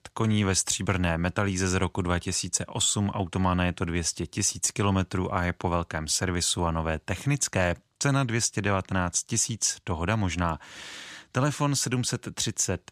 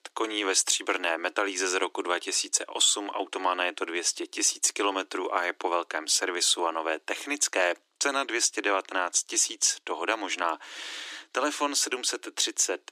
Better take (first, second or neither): first